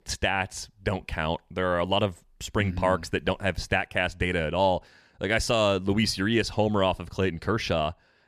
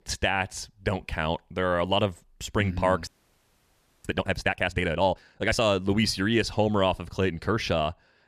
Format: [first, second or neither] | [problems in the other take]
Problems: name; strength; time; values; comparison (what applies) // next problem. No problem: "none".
first | audio freezing; at 3 s for 1 s